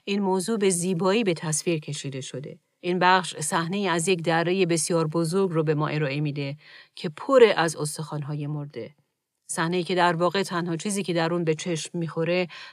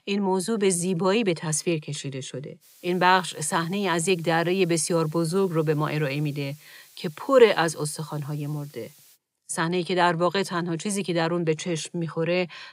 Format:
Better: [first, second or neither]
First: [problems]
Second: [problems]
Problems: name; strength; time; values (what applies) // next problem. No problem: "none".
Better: first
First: none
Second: hiss; faint; from 2.5 to 9 s; 25 dB below the speech